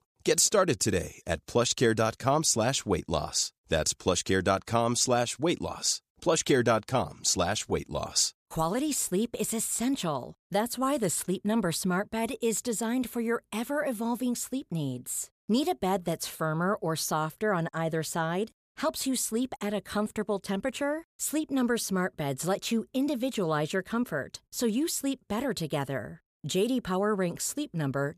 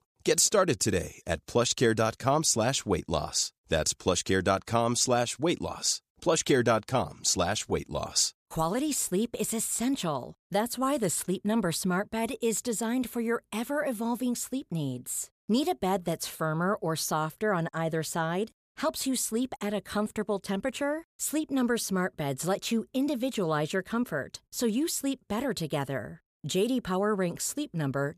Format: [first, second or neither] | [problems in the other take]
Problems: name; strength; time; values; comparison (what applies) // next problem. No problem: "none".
neither | none